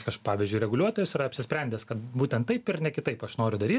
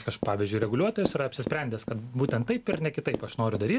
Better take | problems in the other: first | background sound (Run); 9 dB below the speech

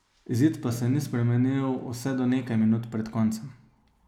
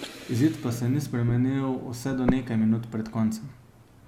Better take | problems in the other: first | background sound (Breathing); 11 dB below the speech

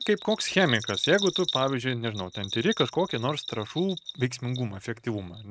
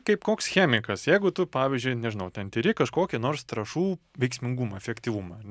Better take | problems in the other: second | noise reduction (neural mask model RNNoise)

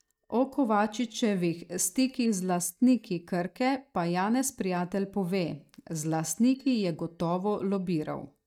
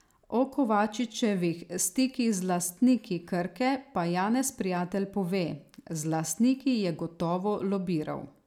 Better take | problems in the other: second | noise reduction (neural mask model DeepFilterNet 3)

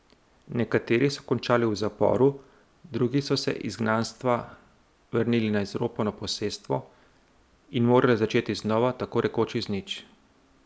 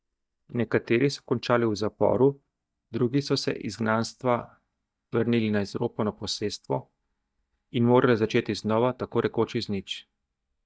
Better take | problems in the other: first | noise reduction (neural mask model DeepFilterNet 3)

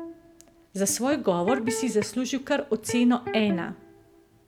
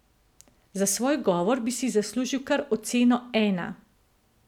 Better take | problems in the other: second | background sound (Electric guitar); 11 dB below the speech

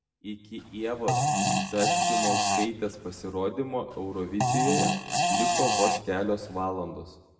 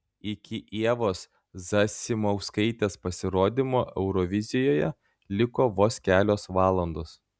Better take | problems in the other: second | background sound (Fart); 4 dB above the speech // room echo; dies away in 0.8 s

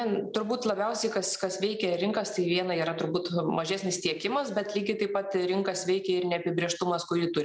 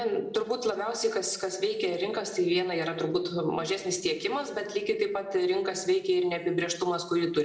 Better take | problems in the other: first | room echo; dies away in 0.7 s

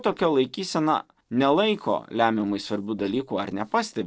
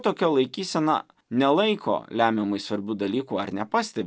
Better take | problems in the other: second | noise reduction (neural separator model SepFormer DNS4)

